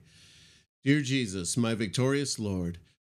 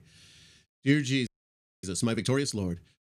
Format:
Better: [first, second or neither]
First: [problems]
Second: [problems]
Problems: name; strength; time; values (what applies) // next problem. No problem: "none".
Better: first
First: none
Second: audio freezing; at 1.5 s for 0.5 s